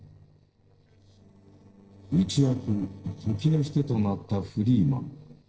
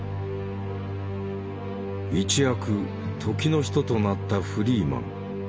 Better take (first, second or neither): second